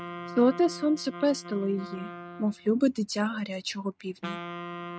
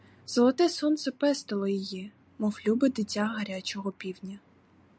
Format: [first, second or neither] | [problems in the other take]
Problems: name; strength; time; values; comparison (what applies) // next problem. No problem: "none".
second | noise reduction (neural mask model RNNoise)